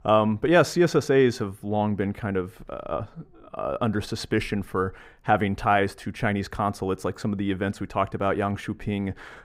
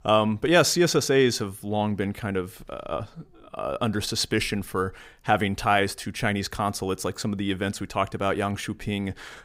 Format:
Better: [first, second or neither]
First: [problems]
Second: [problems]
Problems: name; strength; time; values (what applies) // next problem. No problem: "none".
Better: second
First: muffled; slightly; fading above 2.5 kHz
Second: none